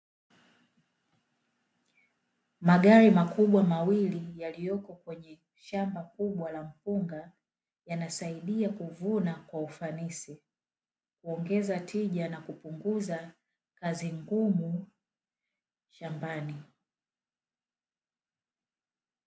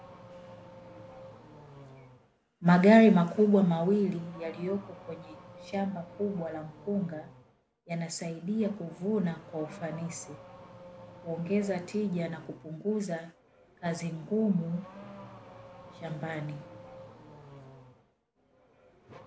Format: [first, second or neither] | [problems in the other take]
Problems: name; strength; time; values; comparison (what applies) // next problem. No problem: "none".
first | background sound (Accelerating, revving, vroom / Car); 19 dB below the speech